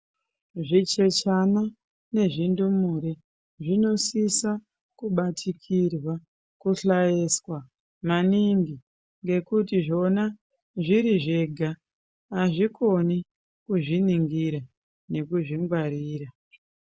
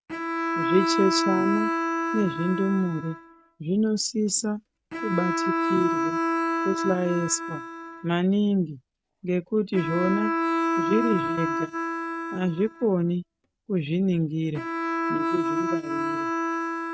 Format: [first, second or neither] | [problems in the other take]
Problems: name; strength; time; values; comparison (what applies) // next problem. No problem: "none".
first | noise reduction (neural mask model RNNoise)